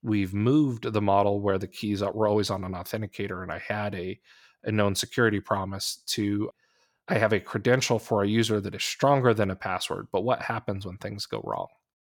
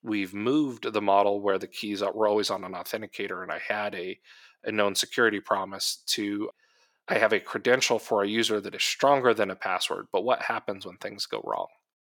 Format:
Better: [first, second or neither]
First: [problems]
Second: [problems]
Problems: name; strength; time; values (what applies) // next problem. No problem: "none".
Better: first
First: none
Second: thin; somewhat; fading below 300 Hz